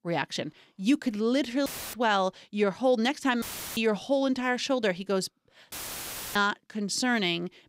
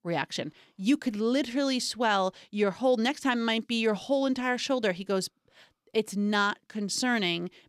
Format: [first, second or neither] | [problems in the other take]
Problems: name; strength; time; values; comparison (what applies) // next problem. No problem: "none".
second | audio cutting out; filled with static; at 1.5 s, at 3.5 s and at 5.5 s for 0.5 s